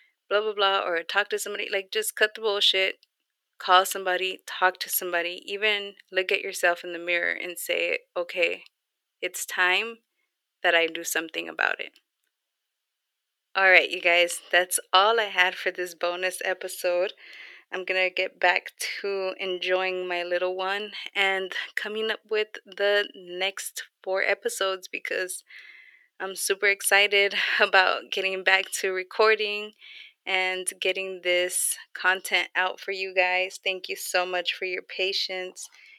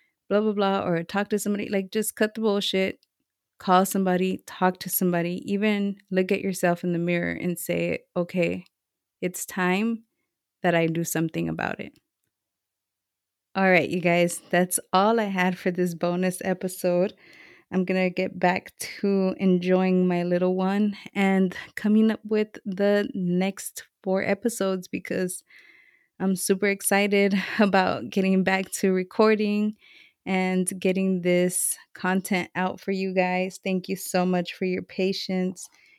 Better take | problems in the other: second | thin; very; fading below 450 Hz

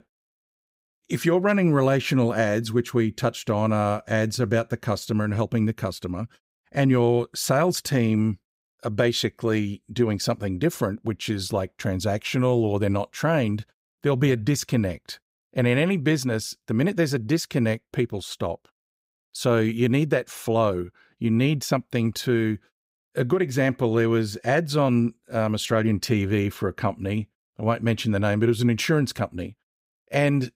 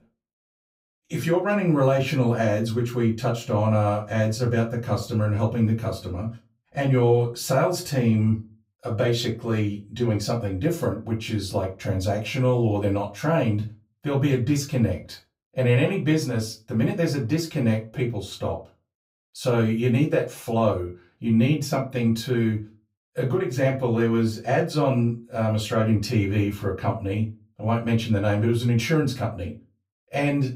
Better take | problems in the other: first | off-mic speech; far // room echo; very slight; dies away in 0.2 s

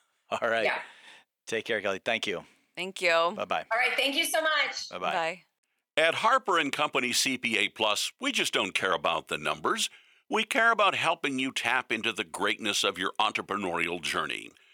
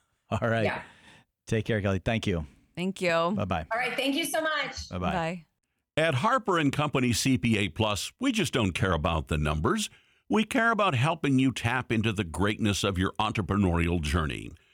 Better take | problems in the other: second | thin; somewhat; fading below 450 Hz

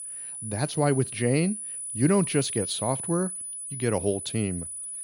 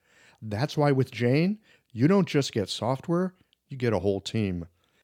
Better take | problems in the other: second | high-pitched whine; loud; throughout; 10 kHz, 5 dB below the speech

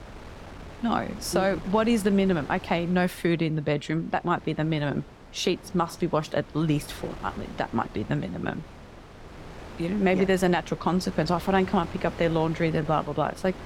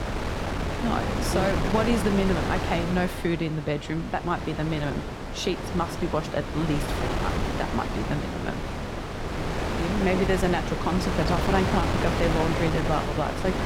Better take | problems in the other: first | wind noise on the microphone; heavy; 1 dB below the speech; occasional gusts in the first

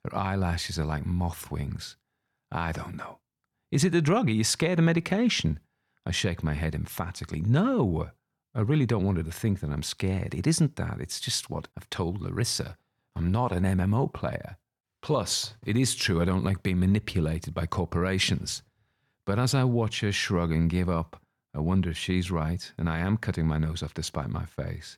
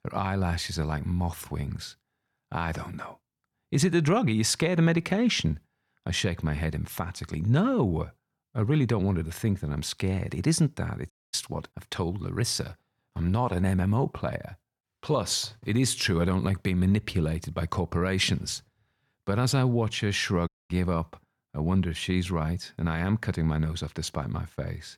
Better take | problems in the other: first | audio cutting out; at 11 s and at 20 s

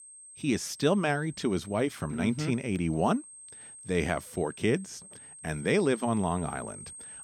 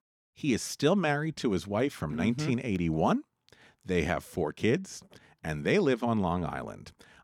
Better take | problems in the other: second | high-pitched whine; noticeable; throughout; 8.5 kHz, 15 dB below the speech

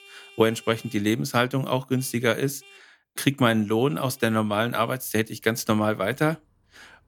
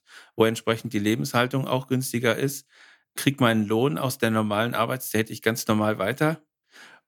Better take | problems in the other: second | traffic noise; faint; throughout; 25 dB below the speech

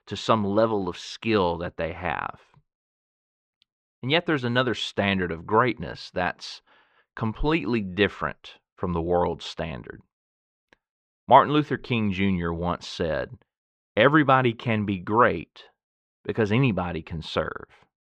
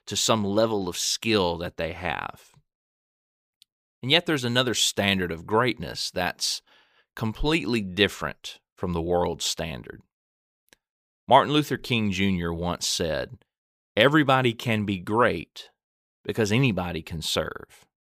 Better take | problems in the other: second | muffled; slightly; fading above 2.5 kHz

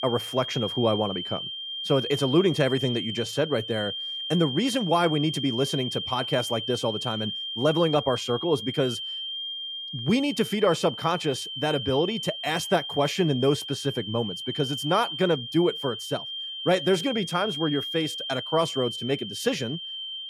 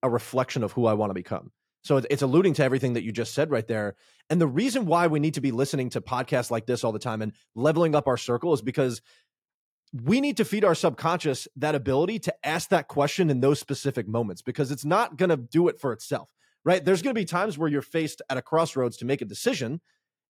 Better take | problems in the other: second | high-pitched whine; loud; throughout; 3 kHz, 5 dB below the speech

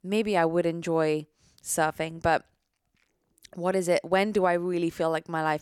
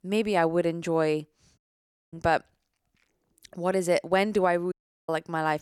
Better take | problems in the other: first | audio cutting out; at 1.5 s for 0.5 s and at 4.5 s

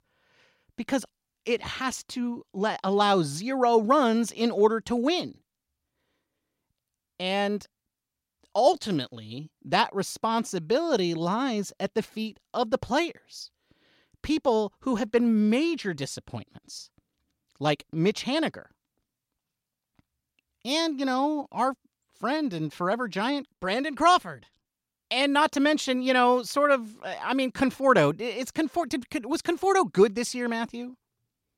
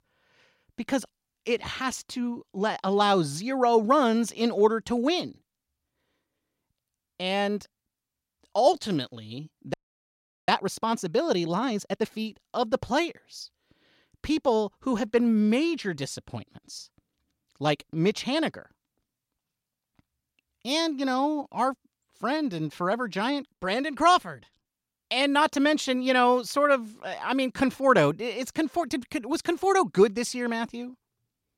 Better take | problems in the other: first | audio freezing; at 9.5 s for 0.5 s

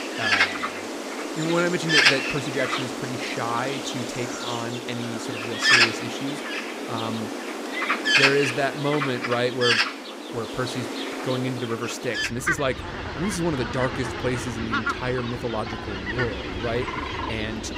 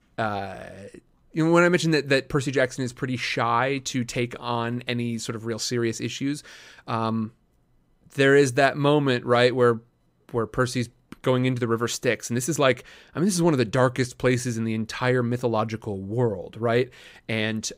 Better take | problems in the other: second | animal sounds; very loud; throughout; 3 dB above the speech

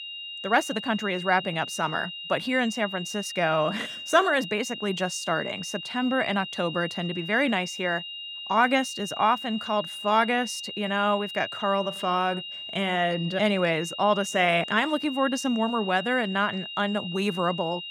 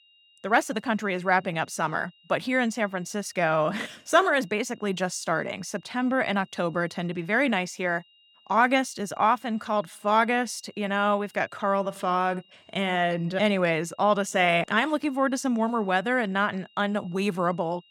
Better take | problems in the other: second | high-pitched whine; loud; throughout; 3 kHz, 9 dB below the speech; faint in the second

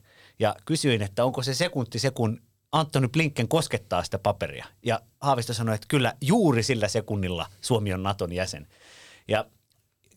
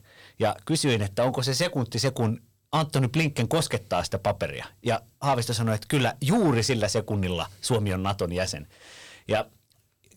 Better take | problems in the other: first | distortion; slight; 10 dB below the speech

